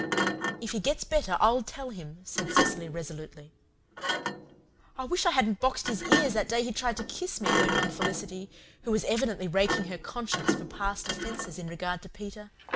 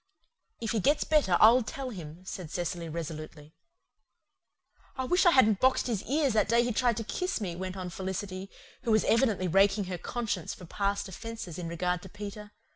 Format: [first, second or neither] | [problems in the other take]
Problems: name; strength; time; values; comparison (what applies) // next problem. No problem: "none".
second | background sound (Thump, thud); 2 dB below the speech